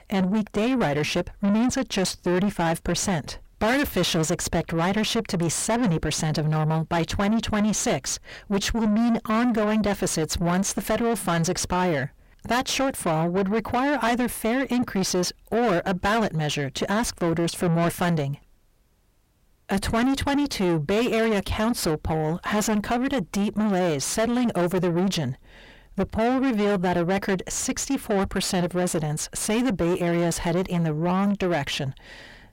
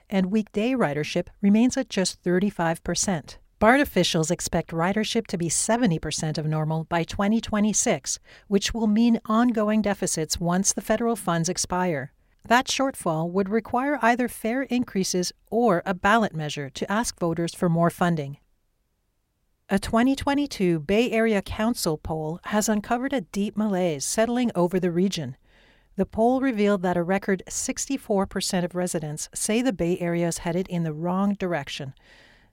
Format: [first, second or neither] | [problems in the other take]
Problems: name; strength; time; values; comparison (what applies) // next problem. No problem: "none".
second | distortion; heavy; 6 dB below the speech